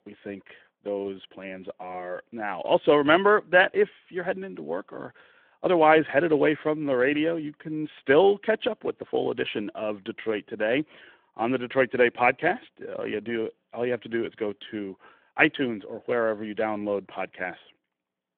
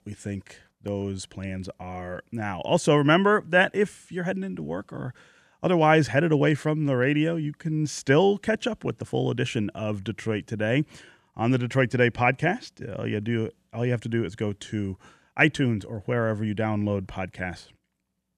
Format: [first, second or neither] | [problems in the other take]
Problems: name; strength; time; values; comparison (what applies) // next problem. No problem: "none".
second | phone-call audio